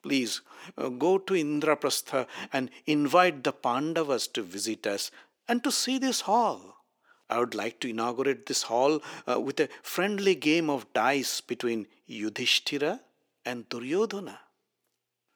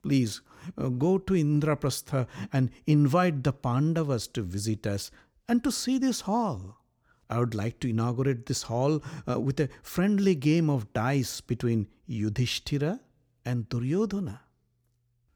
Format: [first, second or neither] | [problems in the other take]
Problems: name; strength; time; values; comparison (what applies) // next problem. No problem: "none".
second | thin; somewhat; fading below 300 Hz